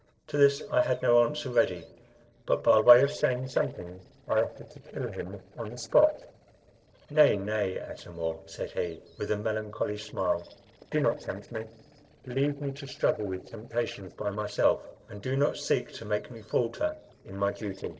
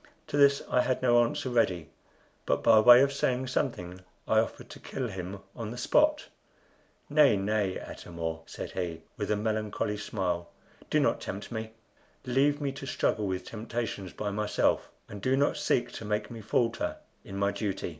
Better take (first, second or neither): second